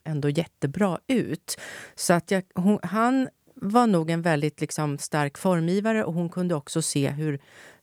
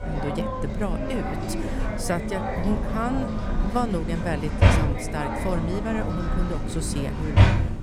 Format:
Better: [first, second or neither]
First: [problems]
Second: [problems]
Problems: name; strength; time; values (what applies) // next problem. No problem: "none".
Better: first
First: none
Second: machinery noise; very loud; throughout; 4 dB above the speech